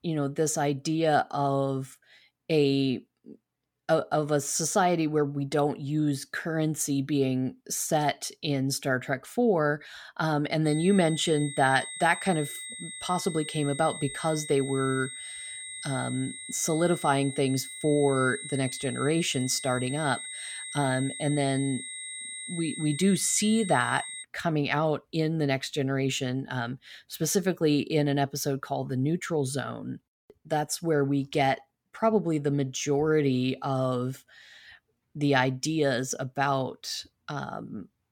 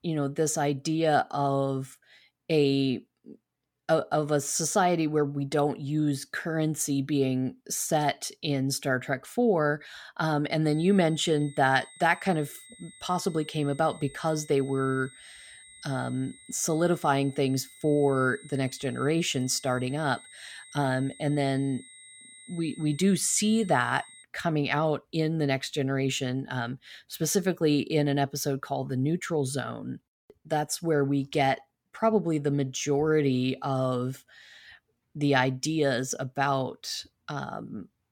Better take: second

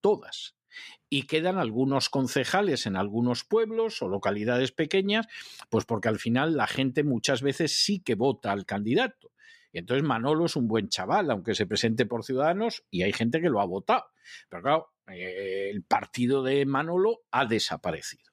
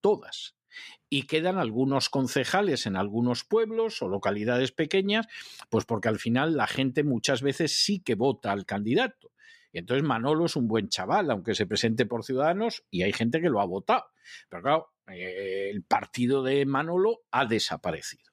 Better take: neither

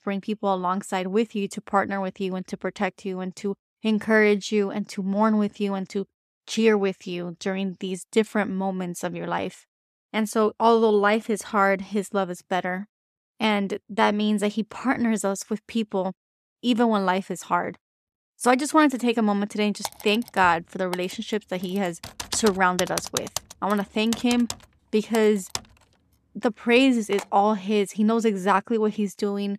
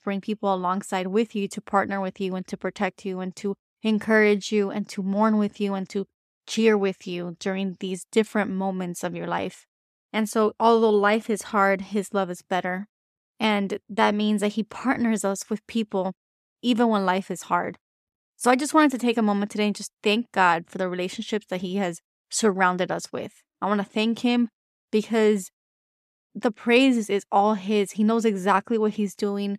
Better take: second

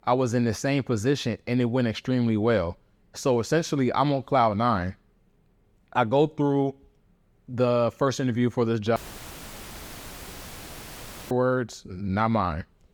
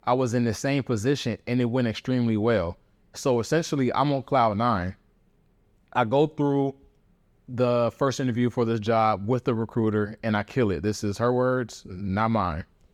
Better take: second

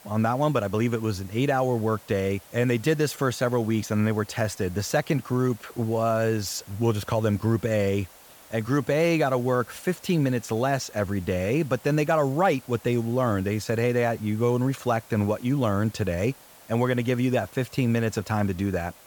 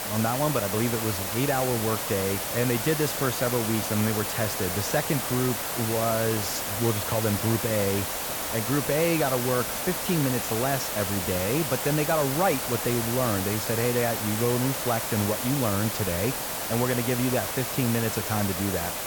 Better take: first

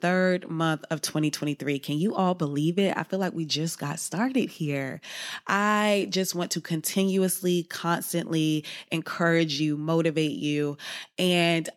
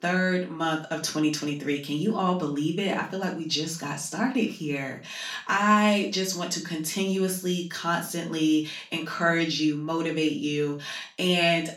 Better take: first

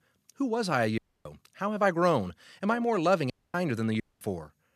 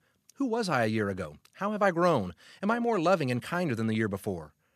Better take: second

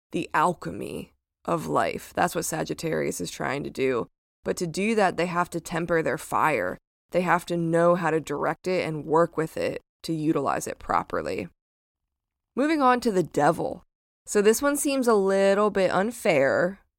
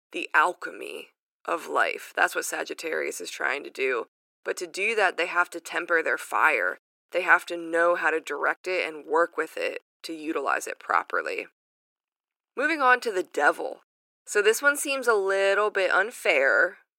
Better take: first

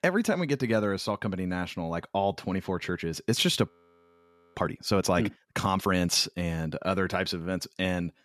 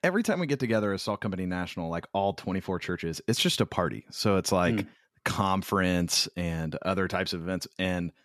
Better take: second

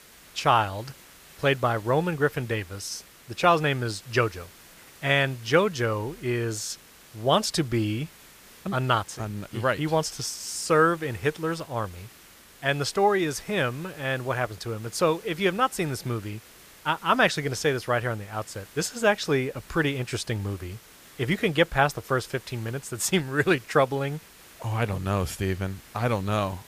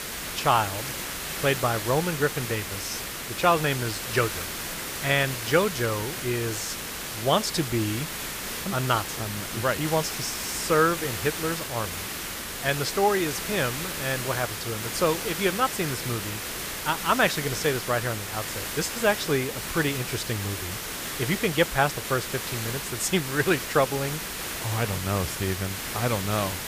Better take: first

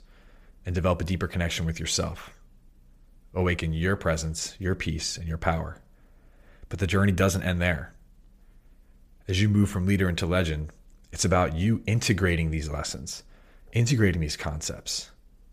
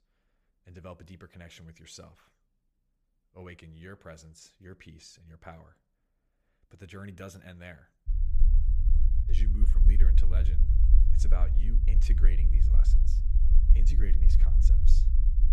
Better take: first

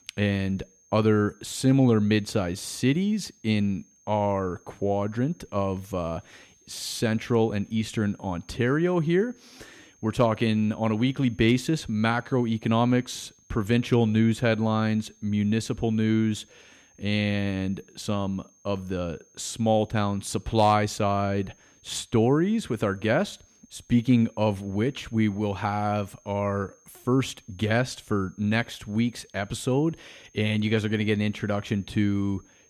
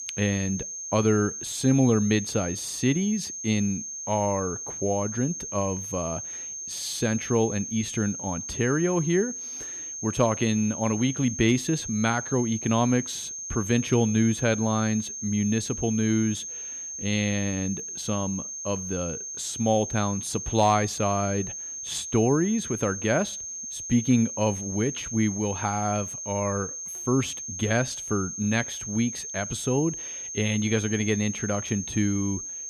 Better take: first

